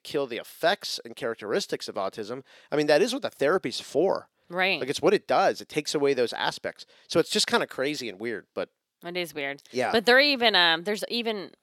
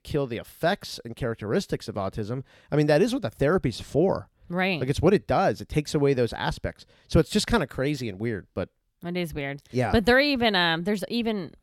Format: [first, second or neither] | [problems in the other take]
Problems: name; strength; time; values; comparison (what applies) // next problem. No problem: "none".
second | thin; somewhat; fading below 350 Hz